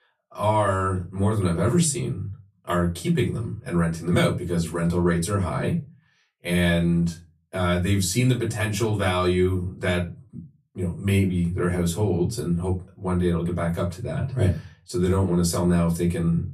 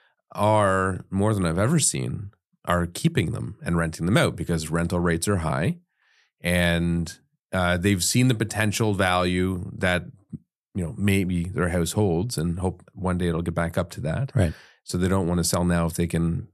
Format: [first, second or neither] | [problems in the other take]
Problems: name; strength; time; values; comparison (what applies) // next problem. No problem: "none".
second | off-mic speech; far // room echo; very slight; dies away in 0.2 s